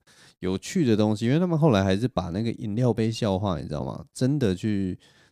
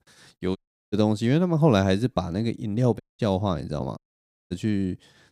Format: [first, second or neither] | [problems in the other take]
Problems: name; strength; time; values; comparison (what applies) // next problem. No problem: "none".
first | audio cutting out; at 0.5 s, at 3 s and at 4 s for 0.5 s